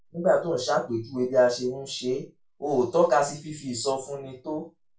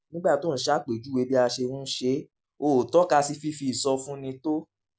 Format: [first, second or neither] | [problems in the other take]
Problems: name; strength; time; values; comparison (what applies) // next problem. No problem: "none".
second | room echo; dies away in 0.2 s